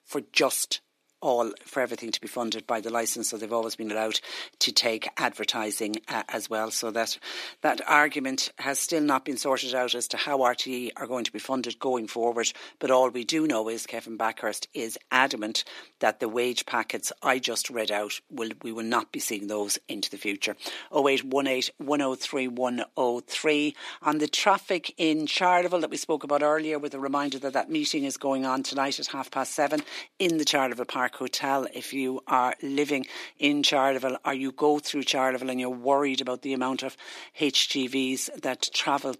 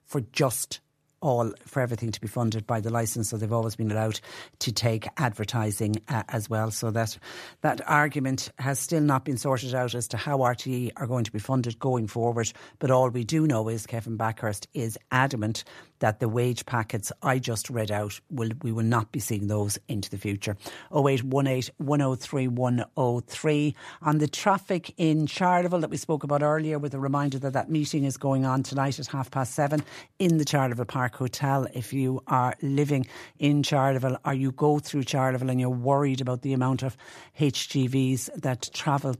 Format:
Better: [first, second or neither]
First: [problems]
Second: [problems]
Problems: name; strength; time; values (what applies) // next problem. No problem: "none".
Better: second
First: thin; somewhat; fading below 250 Hz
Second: none